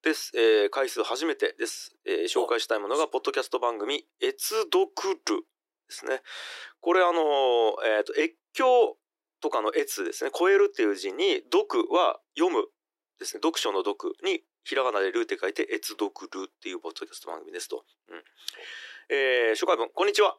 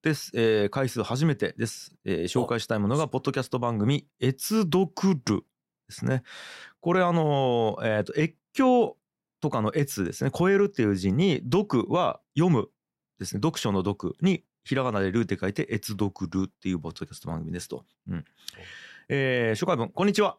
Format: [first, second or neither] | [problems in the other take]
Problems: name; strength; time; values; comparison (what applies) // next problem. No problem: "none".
second | thin; very; fading below 300 Hz